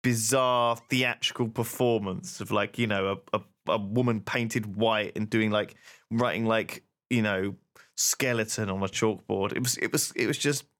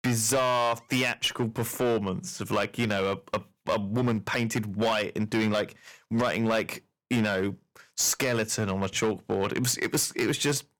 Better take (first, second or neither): first